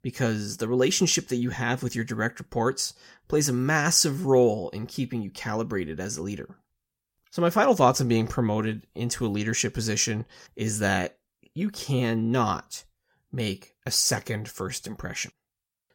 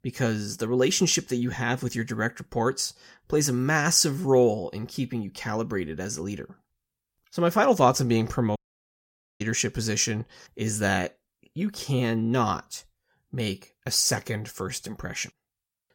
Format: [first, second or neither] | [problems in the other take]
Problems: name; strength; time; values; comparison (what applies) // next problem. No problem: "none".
first | audio cutting out; at 8.5 s for 1 s